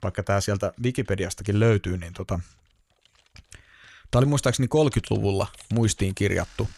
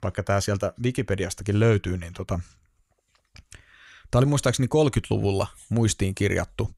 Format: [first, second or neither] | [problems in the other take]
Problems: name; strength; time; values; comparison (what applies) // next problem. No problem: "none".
second | household noises; faint; throughout; 25 dB below the speech